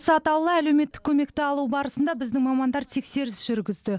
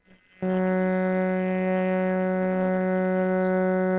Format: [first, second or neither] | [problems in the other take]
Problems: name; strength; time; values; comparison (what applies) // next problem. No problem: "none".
first | noise reduction (neural separator model SepFormer WHAMR!)